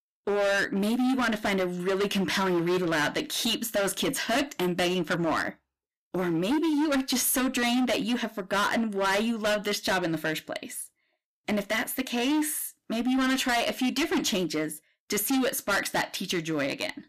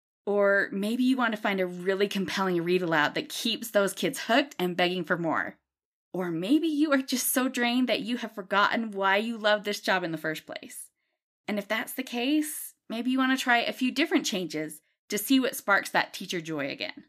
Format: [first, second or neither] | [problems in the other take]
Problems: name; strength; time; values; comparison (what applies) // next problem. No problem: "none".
second | distortion; heavy; 20% of the sound clipped